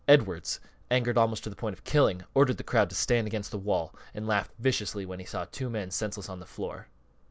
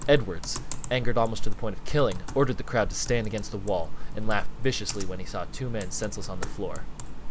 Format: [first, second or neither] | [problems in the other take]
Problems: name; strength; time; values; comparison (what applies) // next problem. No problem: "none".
first | background sound (Computer keyboard); 2 dB above the speech